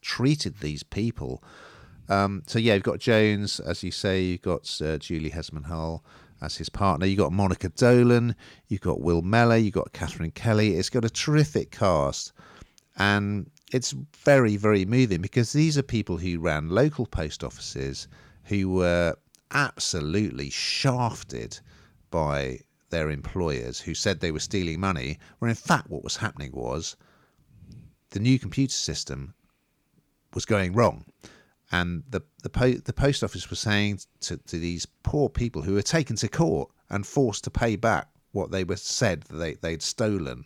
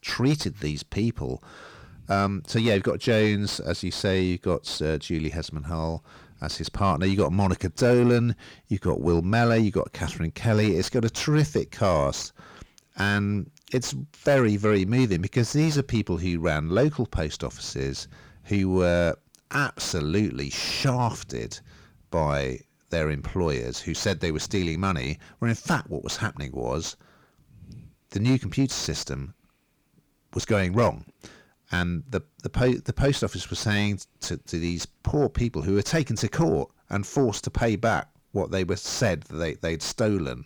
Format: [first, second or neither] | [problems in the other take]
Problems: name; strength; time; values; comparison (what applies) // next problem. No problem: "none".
first | distortion; slight; 10 dB below the speech